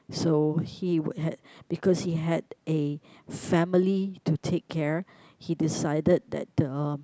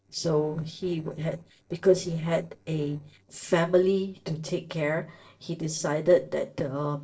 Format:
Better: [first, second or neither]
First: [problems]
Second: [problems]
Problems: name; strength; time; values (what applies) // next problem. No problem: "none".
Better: first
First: none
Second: noise reduction (neural separator model SepFormer DNS4)